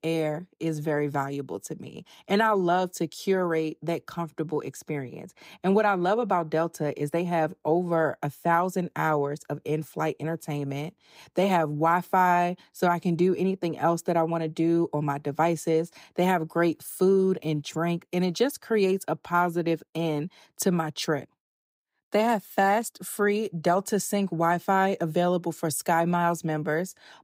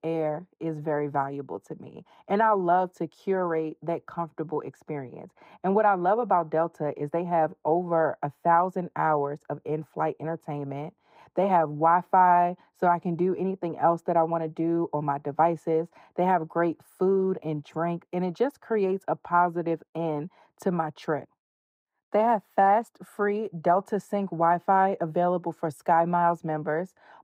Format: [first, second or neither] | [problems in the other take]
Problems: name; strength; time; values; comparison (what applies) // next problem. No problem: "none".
first | muffled; very; fading above 3 kHz